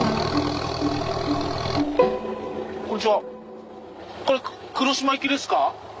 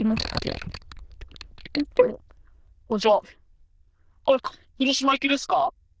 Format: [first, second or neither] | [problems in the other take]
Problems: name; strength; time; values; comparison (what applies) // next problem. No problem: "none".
first | noise reduction (neural diffusion model UNIVERSE++)